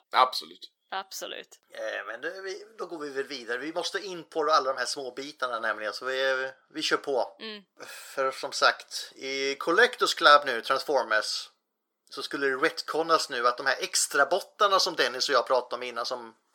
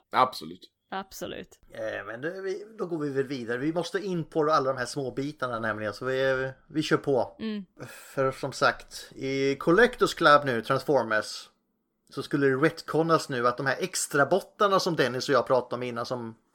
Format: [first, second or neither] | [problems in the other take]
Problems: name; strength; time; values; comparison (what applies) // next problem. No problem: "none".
second | thin; somewhat; fading below 550 Hz